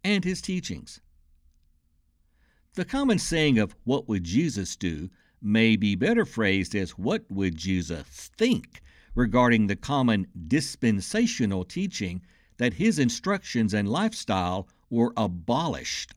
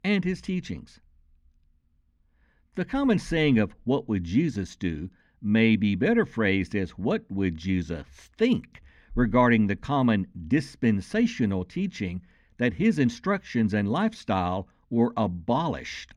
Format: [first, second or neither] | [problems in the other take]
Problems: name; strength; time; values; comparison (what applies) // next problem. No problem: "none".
first | muffled; slightly; fading above 4 kHz